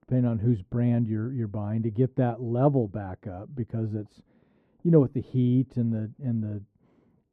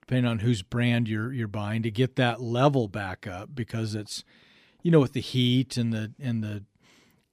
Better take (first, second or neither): second